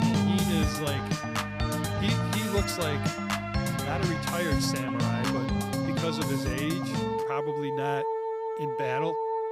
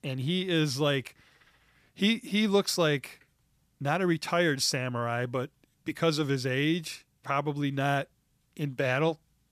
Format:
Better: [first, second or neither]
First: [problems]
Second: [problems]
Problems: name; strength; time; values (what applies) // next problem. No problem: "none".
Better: second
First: background music; very loud; throughout; 4 dB above the speech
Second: none